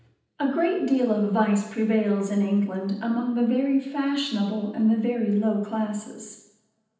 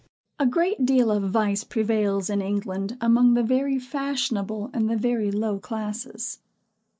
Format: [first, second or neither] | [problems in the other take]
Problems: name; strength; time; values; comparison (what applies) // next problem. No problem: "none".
second | room echo; dies away in 0.9 s